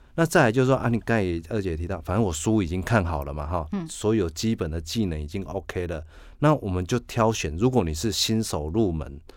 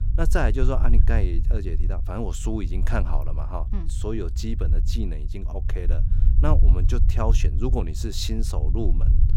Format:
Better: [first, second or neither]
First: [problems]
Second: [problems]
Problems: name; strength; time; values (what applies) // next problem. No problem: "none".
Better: first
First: none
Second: low rumble; noticeable; throughout; 10 dB below the speech